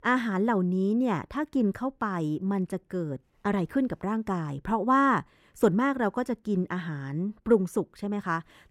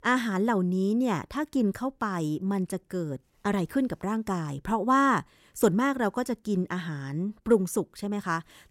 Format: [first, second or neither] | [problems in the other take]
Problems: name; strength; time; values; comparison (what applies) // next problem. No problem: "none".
second | muffled; slightly; fading above 3.5 kHz